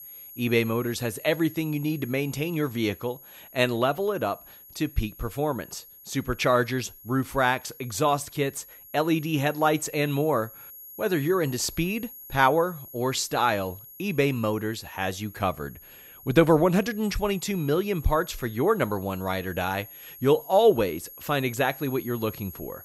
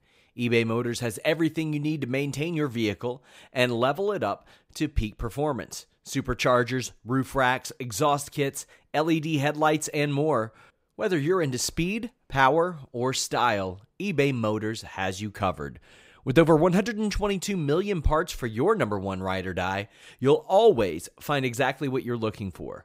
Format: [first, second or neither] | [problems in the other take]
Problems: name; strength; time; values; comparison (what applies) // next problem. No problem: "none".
second | high-pitched whine; noticeable; throughout; 11.5 kHz, 20 dB below the speech